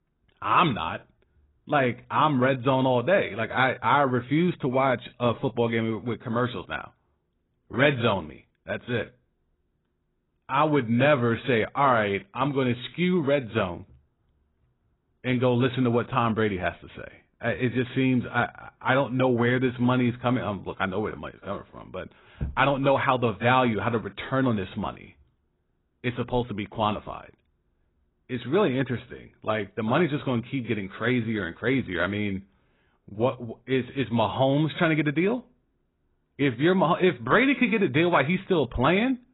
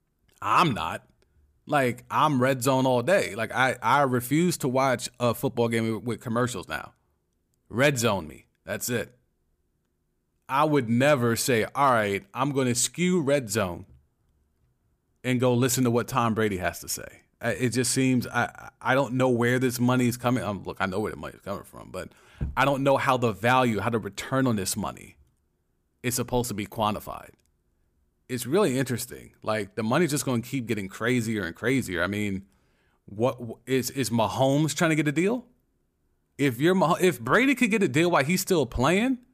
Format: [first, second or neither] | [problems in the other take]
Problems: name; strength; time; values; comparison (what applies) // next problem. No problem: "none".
second | garbled, watery; badly; nothing above 4 kHz